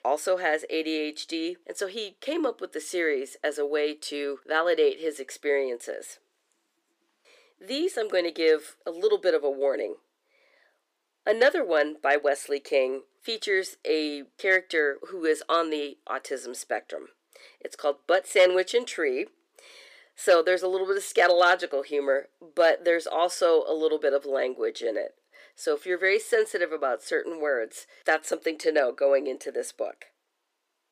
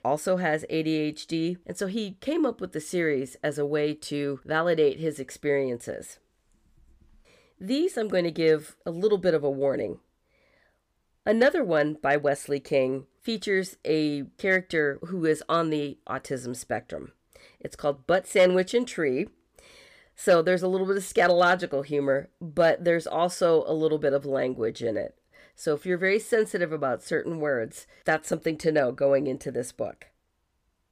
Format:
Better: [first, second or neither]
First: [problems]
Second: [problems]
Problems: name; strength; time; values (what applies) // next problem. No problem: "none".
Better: second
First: thin; somewhat; fading below 350 Hz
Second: none